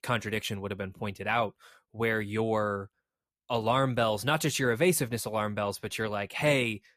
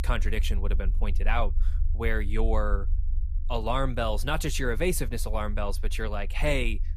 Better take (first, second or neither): first